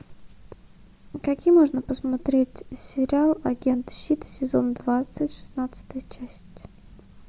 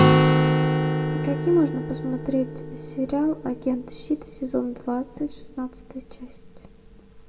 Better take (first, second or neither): first